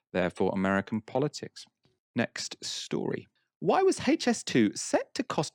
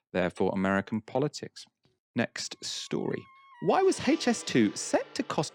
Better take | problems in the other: first | background music; noticeable; from 3 s on; 20 dB below the speech

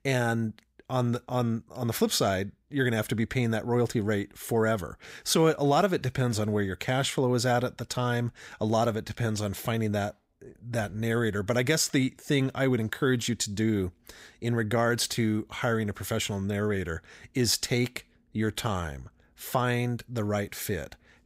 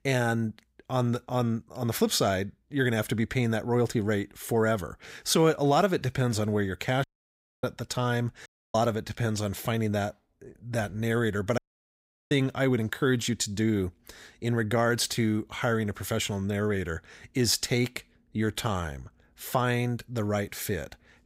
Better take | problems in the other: first | audio cutting out; at 7 s for 0.5 s, at 8.5 s and at 12 s for 0.5 s

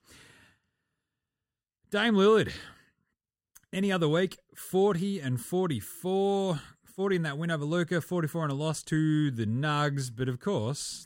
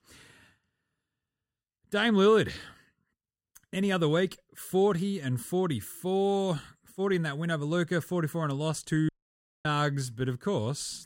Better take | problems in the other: first | audio cutting out; at 9 s for 0.5 s

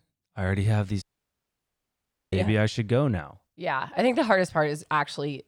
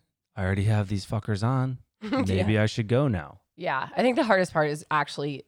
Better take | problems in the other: second | audio cutting out; at 1 s for 1.5 s

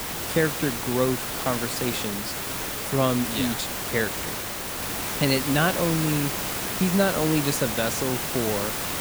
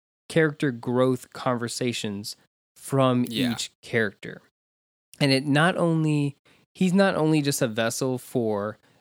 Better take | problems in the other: second | hiss; loud; throughout; 2 dB below the speech

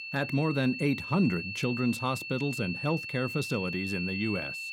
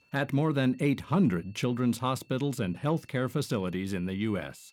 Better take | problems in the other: second | high-pitched whine; loud; throughout; 2.5 kHz, 5 dB below the speech; faint in the second

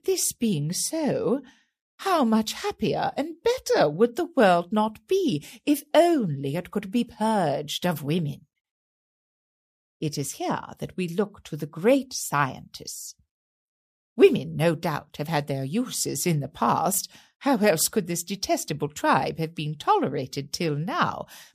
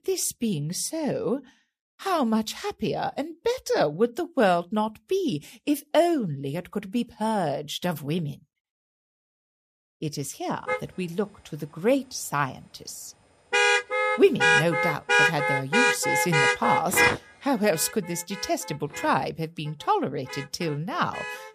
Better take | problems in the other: first | traffic noise; very loud; from 11 s on; 4 dB above the speech

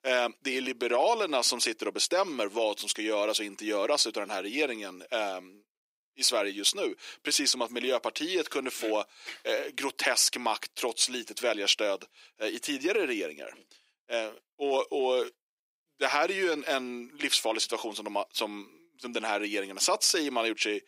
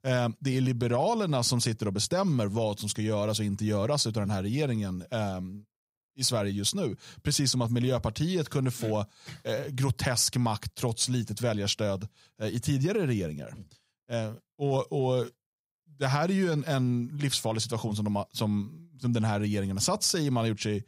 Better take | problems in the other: second | thin; very; fading below 300 Hz

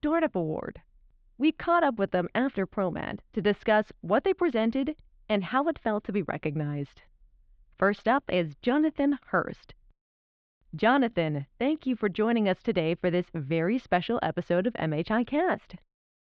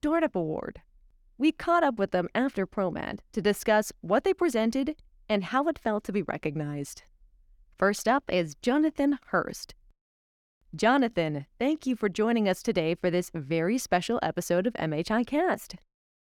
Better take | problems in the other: second | muffled; slightly; fading above 3.5 kHz

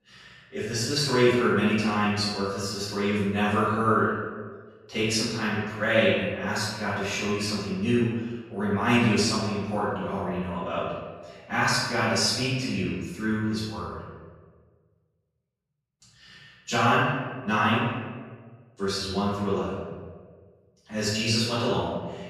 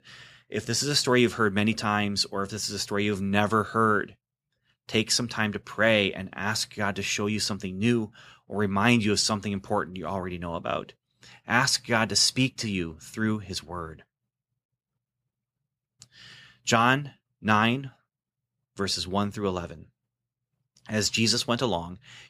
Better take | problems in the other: second | off-mic speech; far // room echo; strong; dies away in 1.3 s

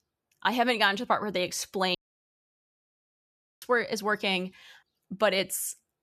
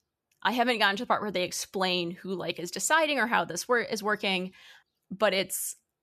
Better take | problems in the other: second | audio cutting out; at 2 s for 1.5 s

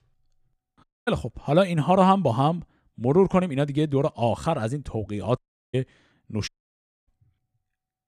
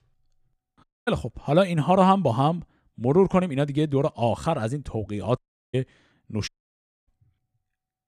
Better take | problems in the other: neither | audio cutting out; at 1 s, at 5.5 s and at 6.5 s for 0.5 s; the same in both

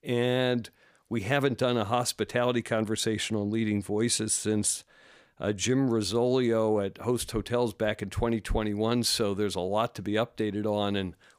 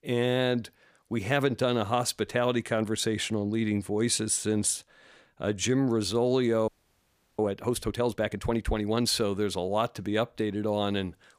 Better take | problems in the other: first | audio freezing; at 6.5 s for 0.5 s

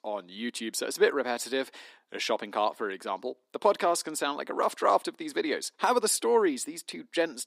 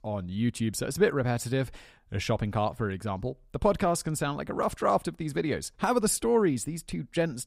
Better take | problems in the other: second | thin; somewhat; fading below 300 Hz

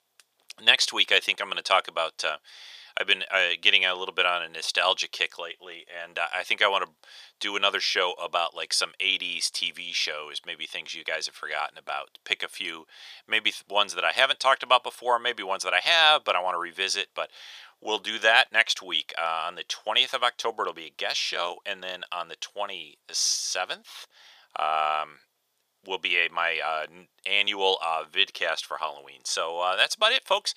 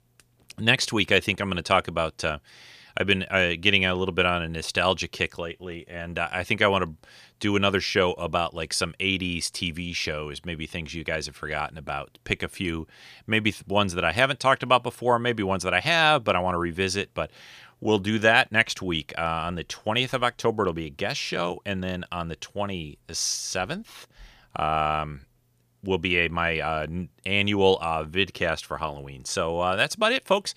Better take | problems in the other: second | thin; very; fading below 750 Hz

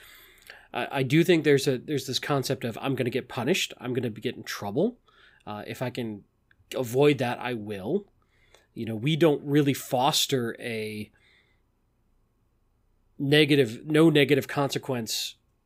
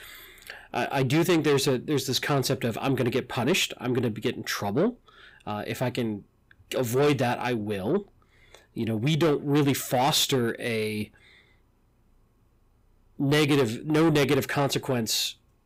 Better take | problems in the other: first | distortion; heavy; 8 dB below the speech

